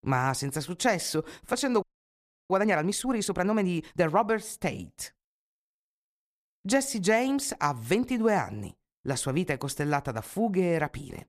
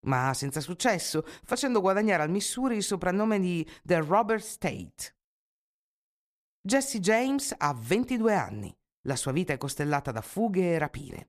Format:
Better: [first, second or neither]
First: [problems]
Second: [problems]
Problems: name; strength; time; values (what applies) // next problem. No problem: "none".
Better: second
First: audio freezing; at 2 s for 0.5 s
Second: none